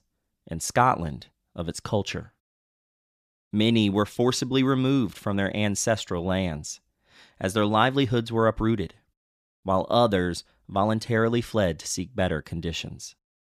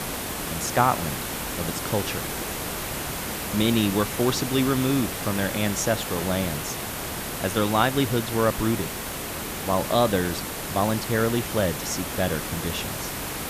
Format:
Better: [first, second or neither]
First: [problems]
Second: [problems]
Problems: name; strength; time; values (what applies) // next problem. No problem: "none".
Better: first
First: none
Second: hiss; loud; throughout; 4 dB below the speech